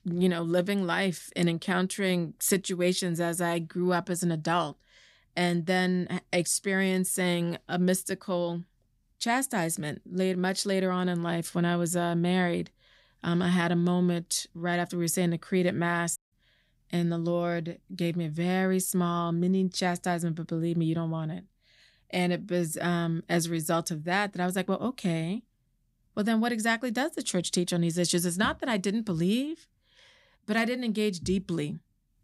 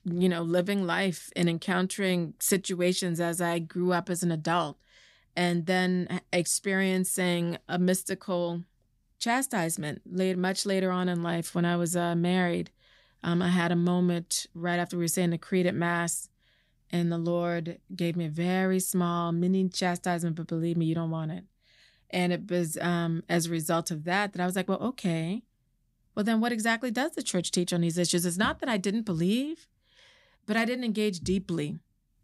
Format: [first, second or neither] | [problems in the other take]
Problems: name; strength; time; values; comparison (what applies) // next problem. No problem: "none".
second | audio cutting out; at 16 s